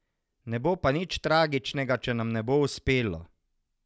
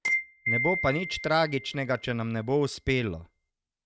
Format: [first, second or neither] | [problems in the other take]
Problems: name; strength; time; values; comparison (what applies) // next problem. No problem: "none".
first | noise reduction (neural mask model RNNoise)